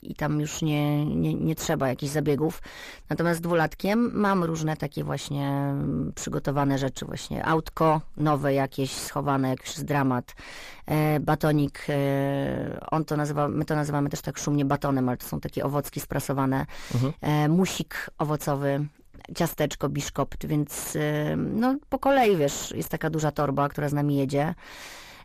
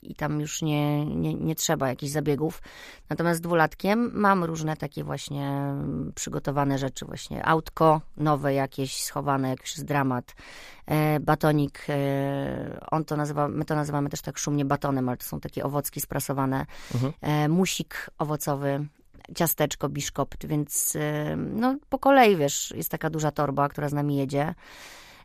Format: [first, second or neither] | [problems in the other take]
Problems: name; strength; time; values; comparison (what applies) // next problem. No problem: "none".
second | distortion; slight; 10 dB below the speech